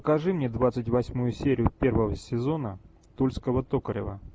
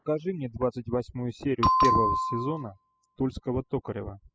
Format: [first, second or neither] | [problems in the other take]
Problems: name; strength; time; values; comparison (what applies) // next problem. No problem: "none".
first | noise reduction (classical method spectral subtraction)